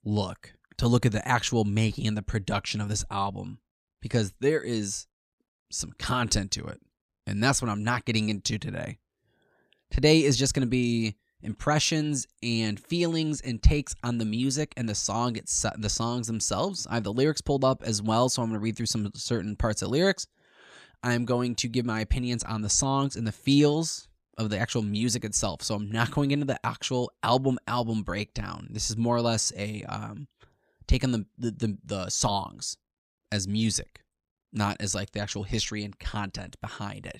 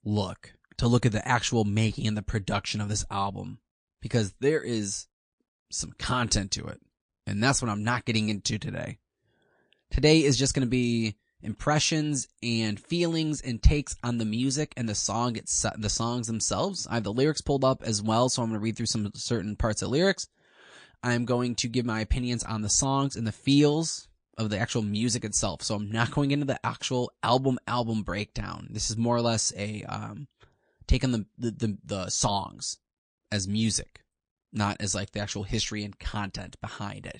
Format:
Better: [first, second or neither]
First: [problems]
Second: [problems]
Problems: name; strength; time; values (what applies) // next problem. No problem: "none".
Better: first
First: none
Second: garbled, watery; slightly; nothing above 9.5 kHz